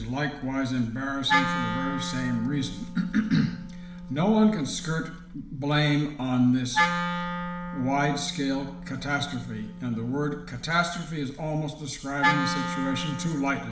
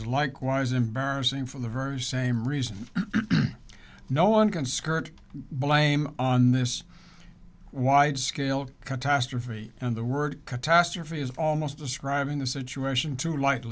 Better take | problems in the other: second | background sound (Wind instrument, woodwind instrument); 5 dB below the speech // room echo; dies away in 0.7 s

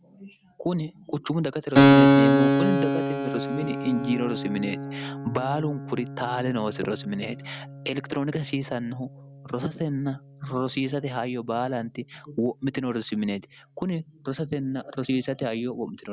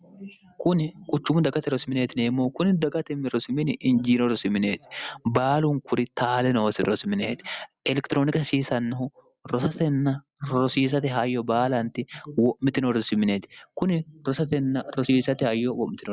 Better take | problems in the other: second | background sound (Keyboard (musical)); 2 dB above the speech

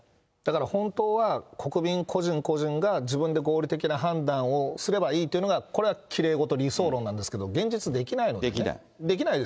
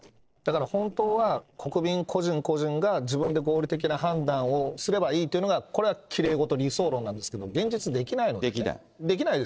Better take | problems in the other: first | noise reduction (neural separator model SepFormer DNS4)

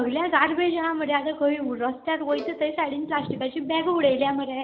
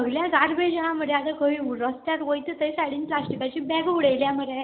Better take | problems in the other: second | background sound (Bowed string instrument); 15 dB below the speech

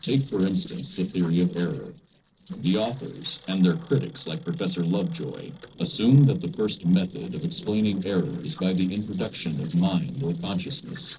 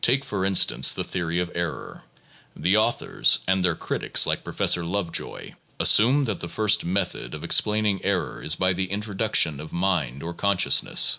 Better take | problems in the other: second | noise reduction (neural separator model SepFormer DNS4)

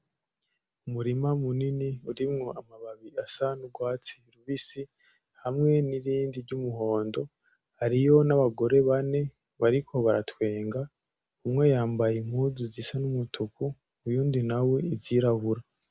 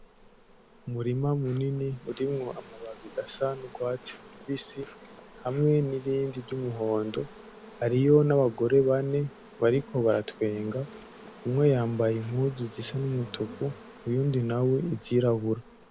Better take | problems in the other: first | background sound (Insect); 20 dB below the speech

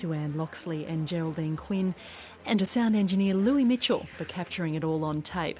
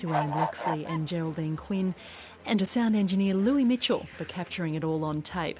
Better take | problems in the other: first | background sound (Bird / Fowl); 2 dB below the speech

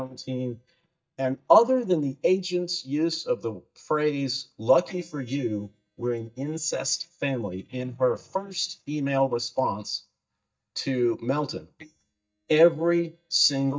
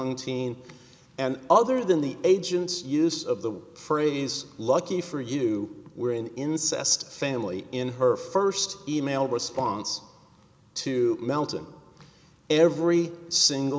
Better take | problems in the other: second | noise reduction (neural mask model DeepFilterNet 3)

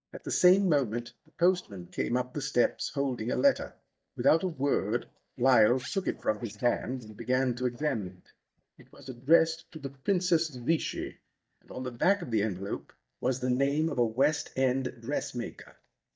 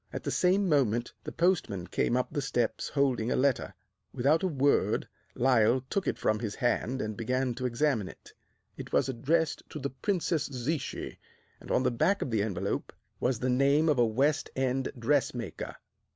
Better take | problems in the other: second | noise reduction (neural mask model DeepFilterNet 3)

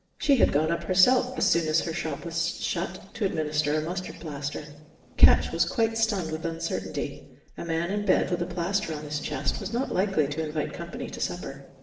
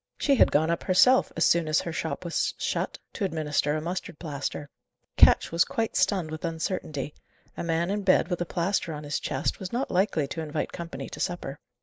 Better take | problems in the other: second | noise reduction (neural separator model SepFormer DNS4)

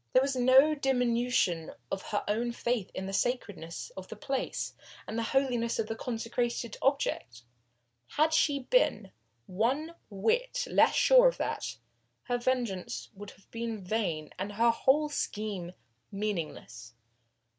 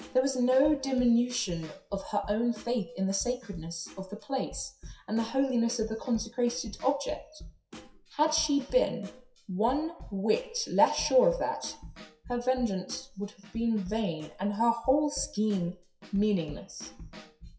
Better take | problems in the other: first | noise reduction (classical method WPE with log-MMSE)

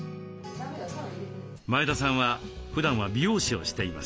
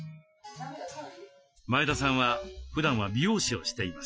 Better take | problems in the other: first | noise reduction (classical method Wiener filter)

